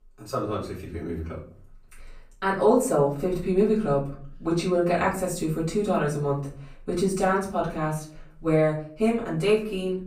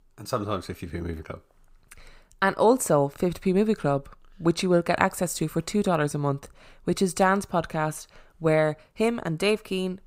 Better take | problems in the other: second | off-mic speech; far // room echo; slight; dies away in 0.5 s

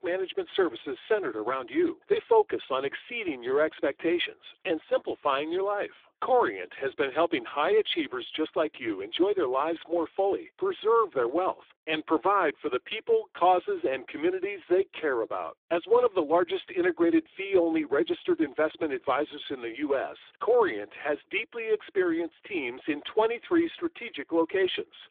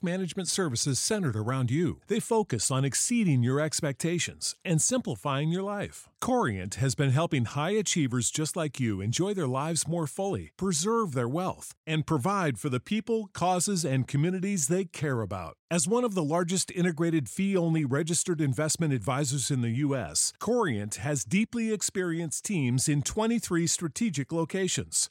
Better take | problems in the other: second | phone-call audio; poor line; nothing above 3.5 kHz

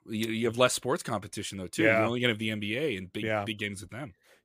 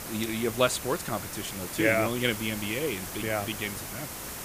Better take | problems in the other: first | hiss; loud; throughout; 7 dB below the speech

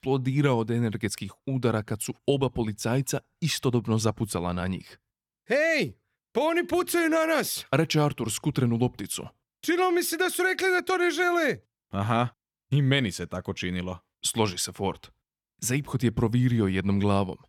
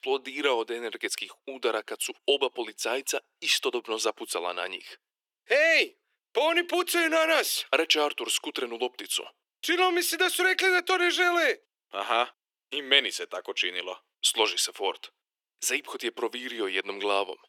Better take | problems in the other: first | thin; very; fading below 350 Hz

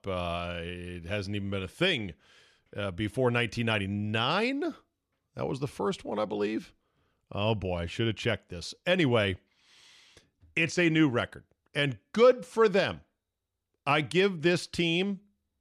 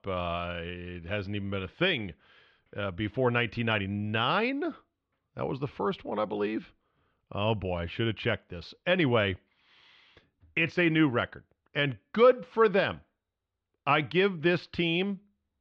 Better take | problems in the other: first | muffled; slightly; fading above 3.5 kHz

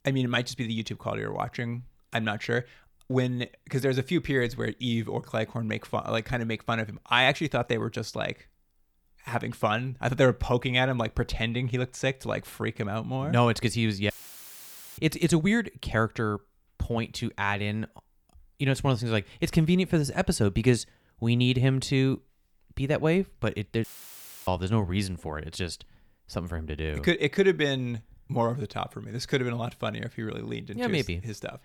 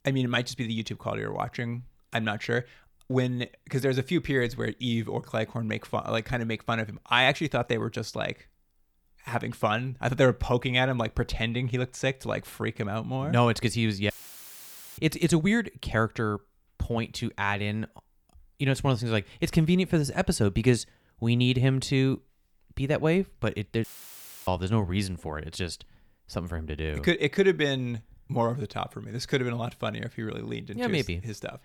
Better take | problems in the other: neither | audio cutting out; filled with static; at 14 s for 1 s and at 24 s for 0.5 s; the same in both

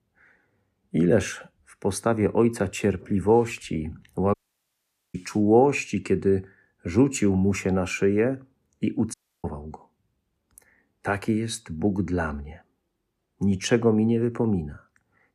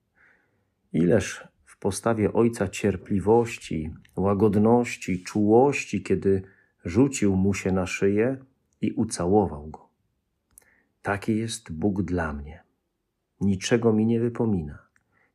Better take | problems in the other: second | audio cutting out; at 4.5 s for 1 s and at 9 s

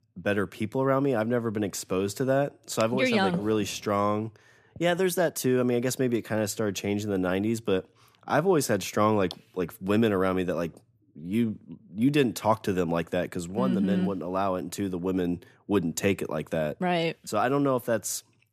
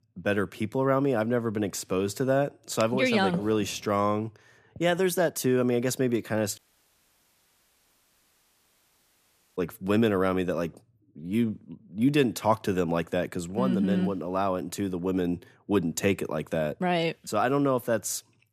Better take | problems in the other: first | audio cutting out; at 6.5 s for 3 s

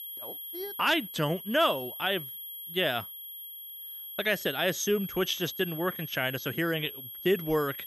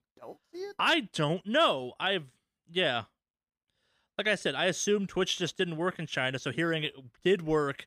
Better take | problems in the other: second | high-pitched whine; loud; throughout; 11.5 kHz, 10 dB below the speech

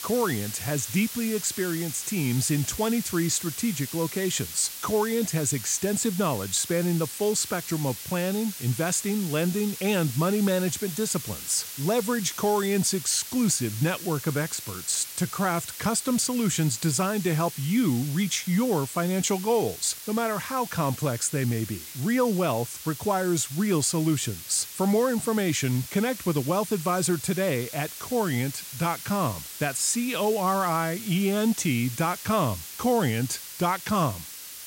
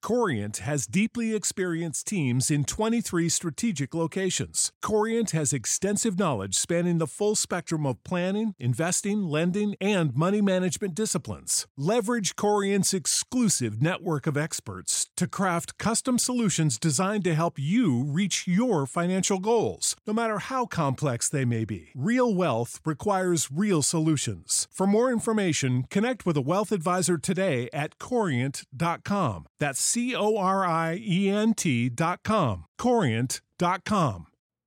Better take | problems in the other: second | hiss; loud; throughout; 10 dB below the speech

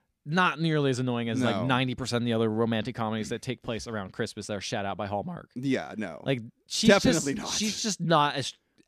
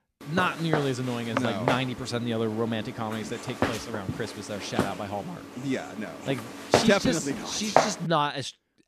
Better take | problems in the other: first | footsteps; loud; until 8 s; peak 5 dB above the speech

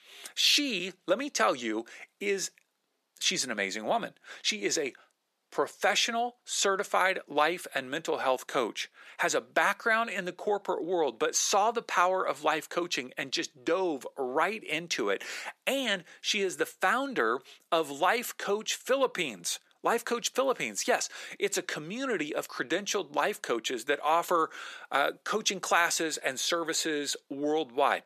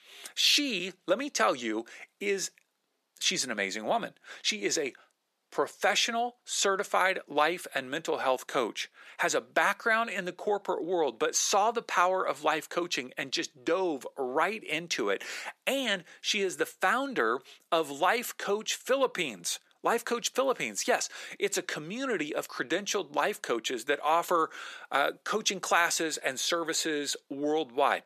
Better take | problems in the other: neither | thin; somewhat; fading below 500 Hz; the same in both

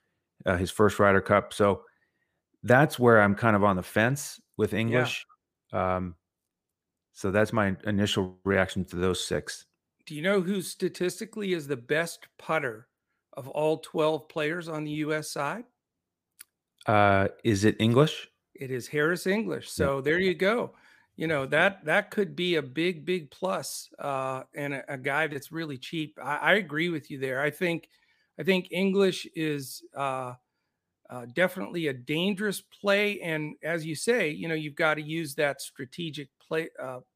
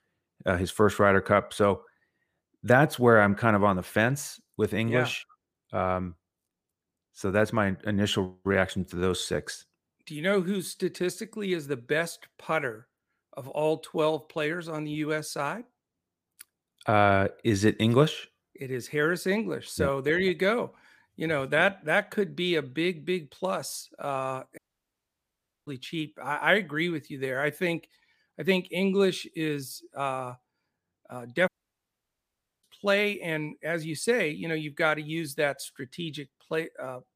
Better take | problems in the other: first | audio cutting out; at 25 s for 1 s and at 31 s for 1 s

